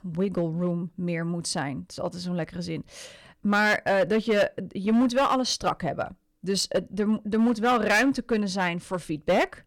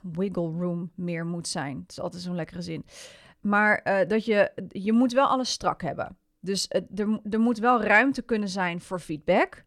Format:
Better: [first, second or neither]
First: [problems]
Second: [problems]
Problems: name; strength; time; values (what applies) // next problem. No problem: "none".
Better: second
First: distortion; slight; 6% of the sound clipped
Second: none